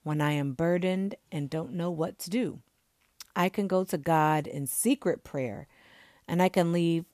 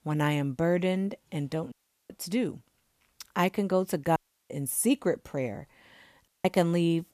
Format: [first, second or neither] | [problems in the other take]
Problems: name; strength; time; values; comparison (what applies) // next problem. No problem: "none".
first | audio cutting out; at 1.5 s, at 4 s and at 6.5 s